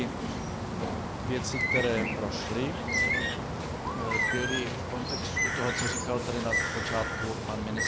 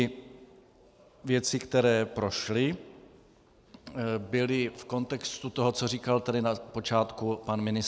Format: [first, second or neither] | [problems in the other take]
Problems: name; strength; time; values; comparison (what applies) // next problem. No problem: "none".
second | background sound (Bird); 4 dB above the speech